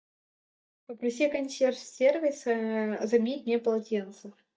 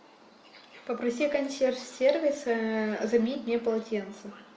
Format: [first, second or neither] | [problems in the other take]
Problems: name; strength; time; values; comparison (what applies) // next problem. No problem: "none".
second | noise reduction (neural mask model DeepFilterNet 3)